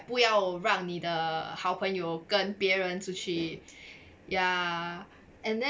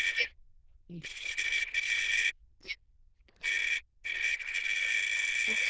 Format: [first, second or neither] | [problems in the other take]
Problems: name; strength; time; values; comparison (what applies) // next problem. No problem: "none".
first | noise reduction (neural diffusion model UNIVERSE++)